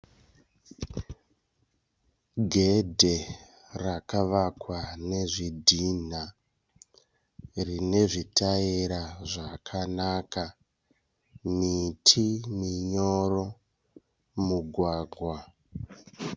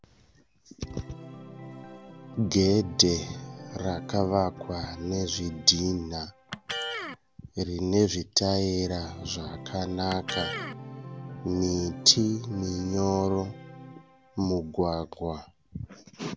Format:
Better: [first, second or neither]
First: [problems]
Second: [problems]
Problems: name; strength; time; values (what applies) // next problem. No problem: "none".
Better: first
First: none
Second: background sound (Organ + Electric guitar); 13 dB below the speech